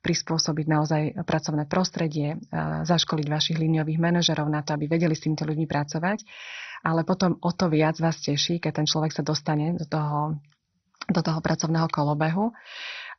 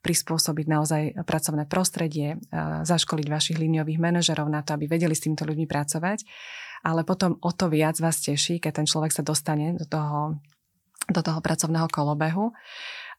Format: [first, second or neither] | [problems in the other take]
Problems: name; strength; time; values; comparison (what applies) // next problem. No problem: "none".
second | garbled, watery; badly; nothing above 6 kHz